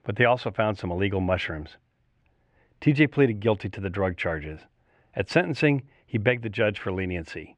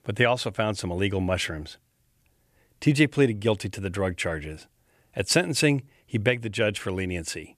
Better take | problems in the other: second | muffled; slightly; fading above 2 kHz

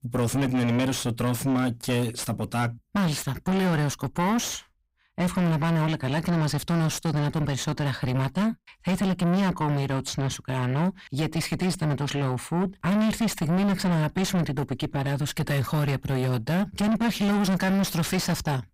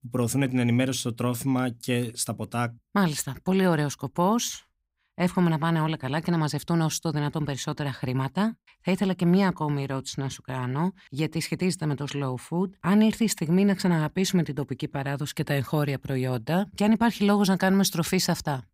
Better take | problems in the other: second | distortion; heavy; 6 dB below the speech

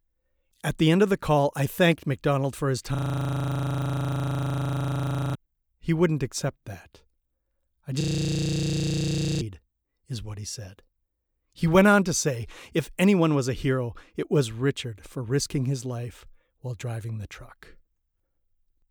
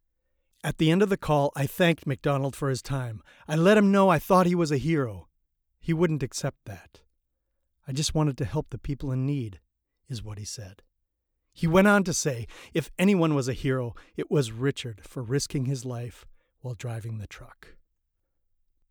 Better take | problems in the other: second | audio freezing; at 3 s for 2.5 s and at 8 s for 1.5 s

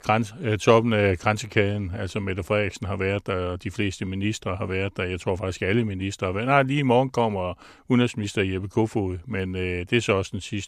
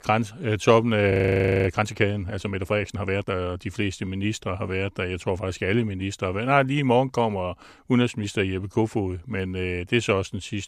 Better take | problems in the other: first | audio freezing; at 1 s for 0.5 s

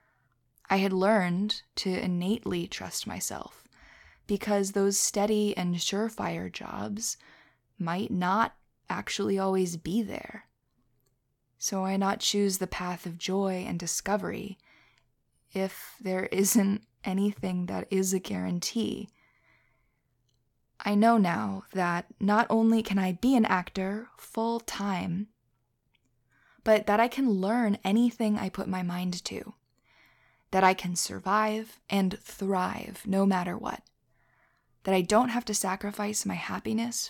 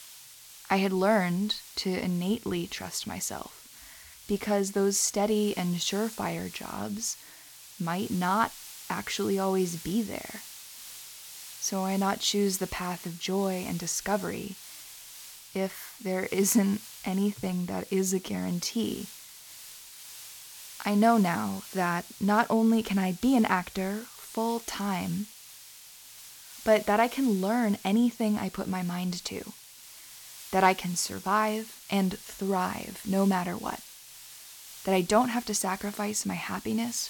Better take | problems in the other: first | hiss; noticeable; throughout; 15 dB below the speech

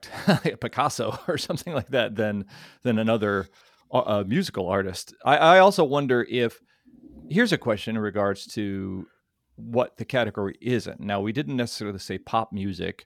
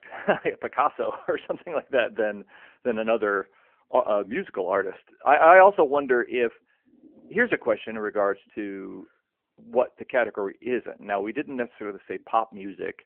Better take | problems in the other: first | phone-call audio

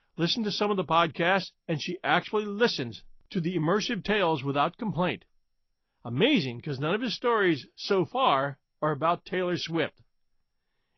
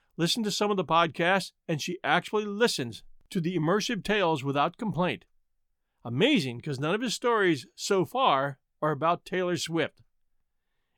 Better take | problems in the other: second | garbled, watery; slightly; nothing above 6 kHz

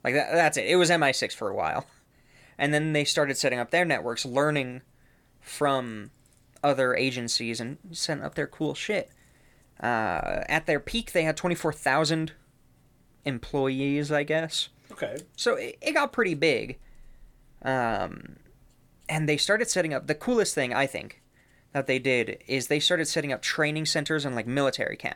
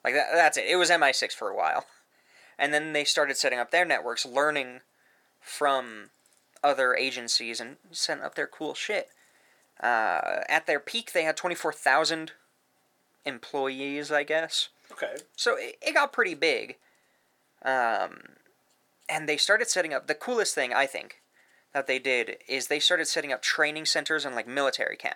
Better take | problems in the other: first | thin; somewhat; fading below 400 Hz

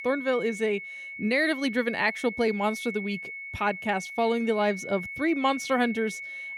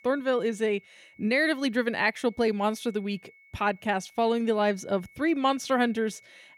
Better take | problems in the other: second | high-pitched whine; loud; throughout; 2 kHz, 9 dB below the speech; faint in the second

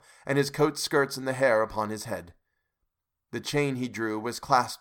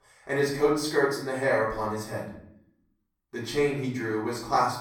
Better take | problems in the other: first | off-mic speech; far // room echo; noticeable; dies away in 0.6 s

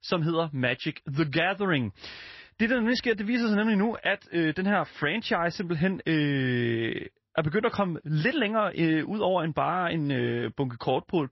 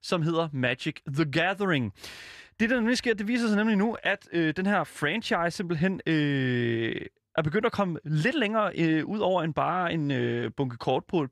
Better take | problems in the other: second | garbled, watery; slightly; nothing above 5.5 kHz

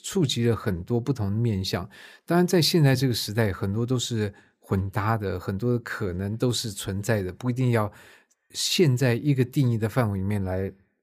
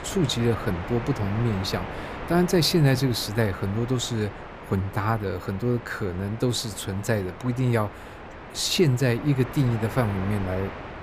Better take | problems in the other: first | wind noise on the microphone; heavy; 8 dB below the speech

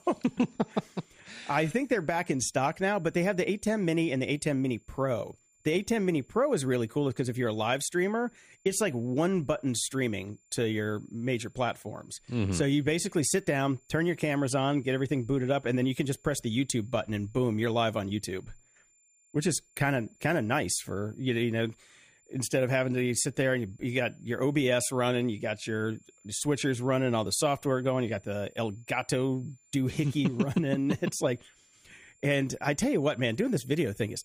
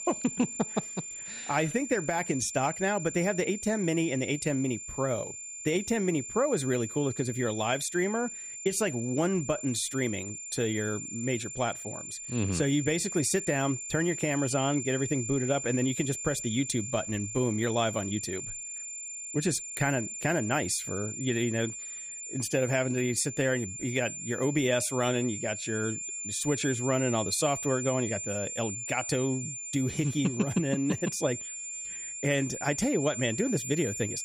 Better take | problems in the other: first | high-pitched whine; loud; throughout; 7 kHz, 6 dB below the speech; faint in the first

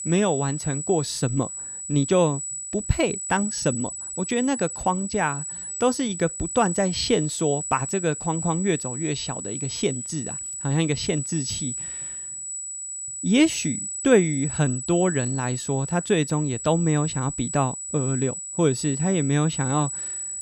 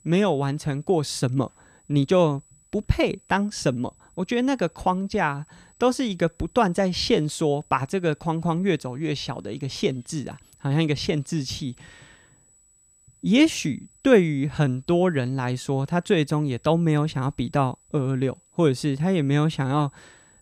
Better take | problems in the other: second | high-pitched whine; loud; throughout; 8 kHz, 5 dB below the speech; faint in the second

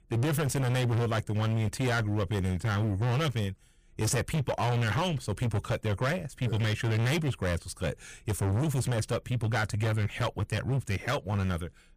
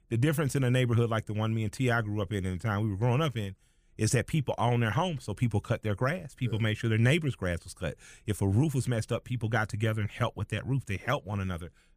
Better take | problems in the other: second | distortion; heavy; 26% of the sound clipped

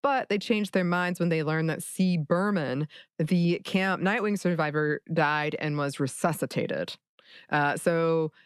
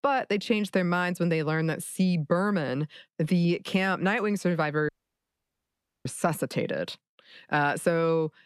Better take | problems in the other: first | audio cutting out; at 5 s for 1 s

